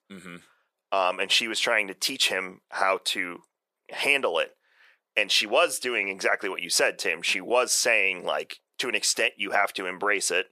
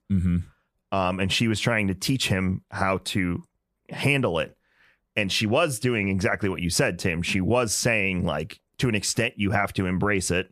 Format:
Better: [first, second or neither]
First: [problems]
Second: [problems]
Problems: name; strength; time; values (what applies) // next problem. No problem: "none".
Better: second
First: thin; very; fading below 450 Hz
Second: none